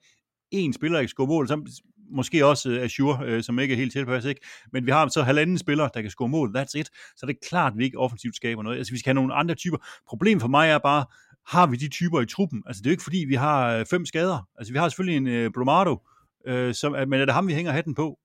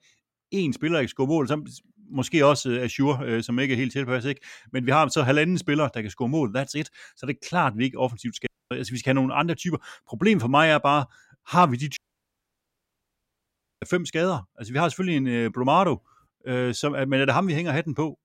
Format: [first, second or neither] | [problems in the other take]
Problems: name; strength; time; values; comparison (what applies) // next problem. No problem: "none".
first | audio cutting out; at 8.5 s and at 12 s for 2 s